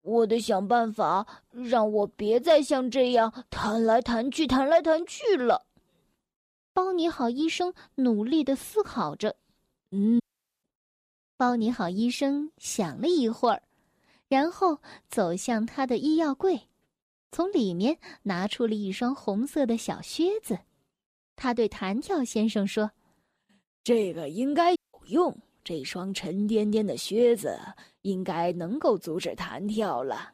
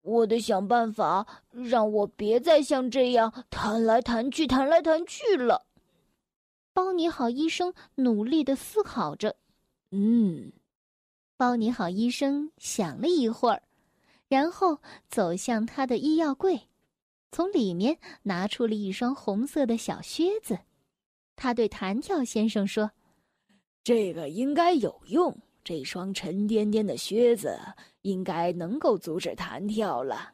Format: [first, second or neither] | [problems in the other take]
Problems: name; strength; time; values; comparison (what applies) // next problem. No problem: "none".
second | audio cutting out; at 10 s and at 25 s